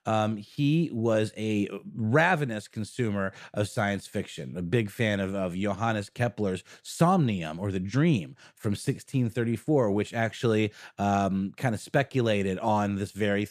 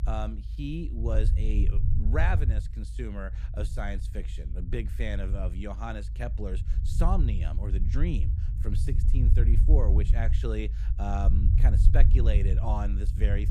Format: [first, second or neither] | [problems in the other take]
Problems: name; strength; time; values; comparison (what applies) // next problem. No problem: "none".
first | low rumble; loud; throughout; 7 dB below the speech